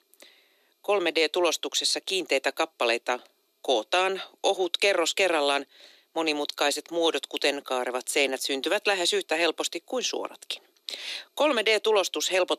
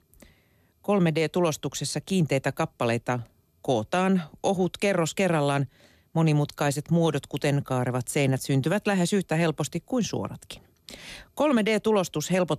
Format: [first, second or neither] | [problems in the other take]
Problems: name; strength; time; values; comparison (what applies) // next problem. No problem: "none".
second | thin; very; fading below 300 Hz